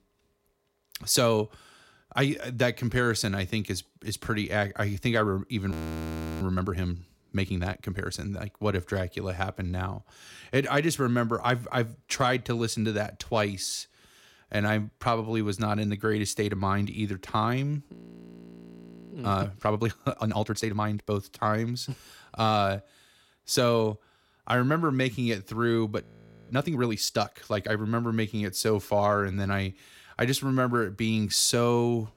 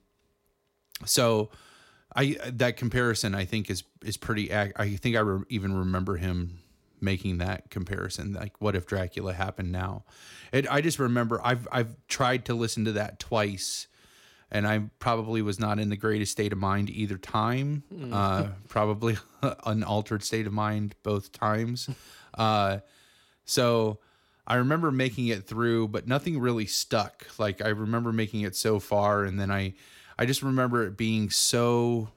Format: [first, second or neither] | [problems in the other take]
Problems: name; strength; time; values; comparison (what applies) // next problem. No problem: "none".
second | audio freezing; at 5.5 s for 0.5 s, at 18 s for 1 s and at 26 s